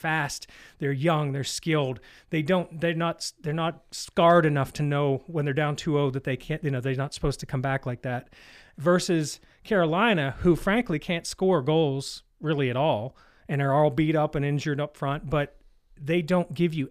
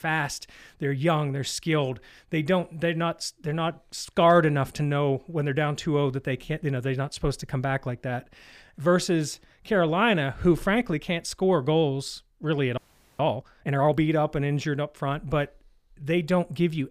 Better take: first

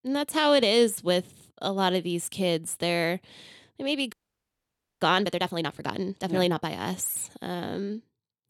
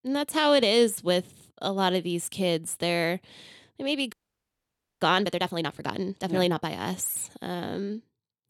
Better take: neither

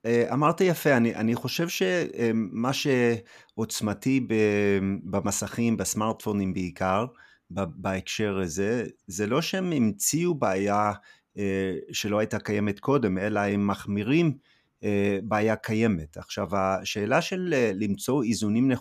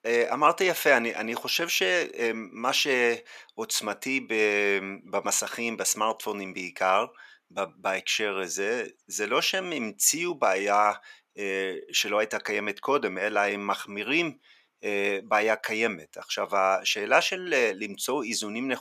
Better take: first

